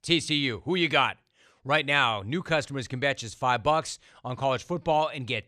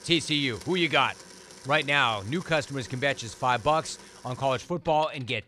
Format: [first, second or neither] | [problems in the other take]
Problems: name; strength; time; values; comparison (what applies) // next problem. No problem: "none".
first | household noises; faint; throughout; 20 dB below the speech